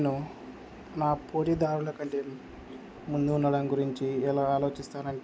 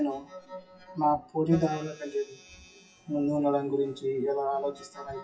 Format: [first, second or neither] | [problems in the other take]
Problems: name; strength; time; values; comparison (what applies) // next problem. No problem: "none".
first | noise reduction (classical method WPE with log-MMSE)